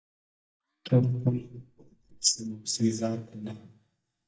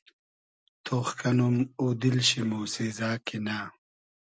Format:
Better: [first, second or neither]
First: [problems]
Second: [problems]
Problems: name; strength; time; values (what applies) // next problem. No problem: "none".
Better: second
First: noise reduction (neural mask model DeepFilterNet 3)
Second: none